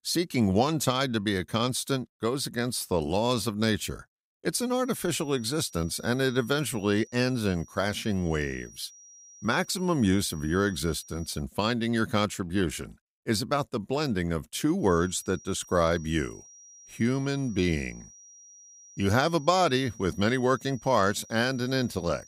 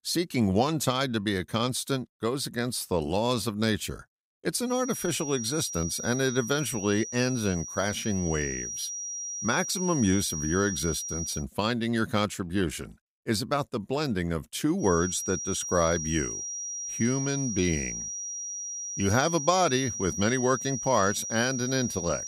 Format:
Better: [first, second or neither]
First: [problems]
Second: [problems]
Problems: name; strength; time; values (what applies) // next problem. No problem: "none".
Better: first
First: high-pitched whine; faint; from 4.5 to 11 s and from 15 s on; 5.5 kHz, 20 dB below the speech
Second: high-pitched whine; loud; from 4.5 to 11 s and from 15 s on; 5.5 kHz, 5 dB below the speech